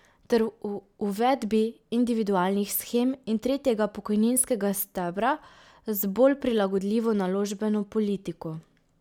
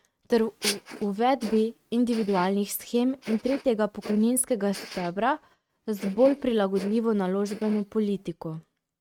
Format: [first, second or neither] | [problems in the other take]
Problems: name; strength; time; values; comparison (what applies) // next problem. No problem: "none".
first | noise reduction (neural mask model RNNoise)